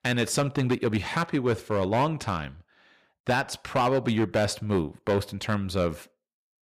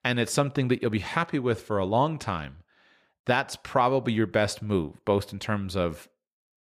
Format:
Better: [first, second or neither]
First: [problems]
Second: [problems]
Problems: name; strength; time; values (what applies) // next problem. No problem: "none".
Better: second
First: distortion; slight; 6% of the sound clipped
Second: none